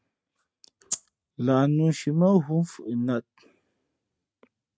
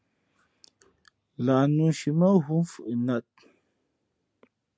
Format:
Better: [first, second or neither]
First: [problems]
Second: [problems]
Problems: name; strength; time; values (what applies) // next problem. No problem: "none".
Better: second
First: noise reduction (neural mask model RNNoise)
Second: none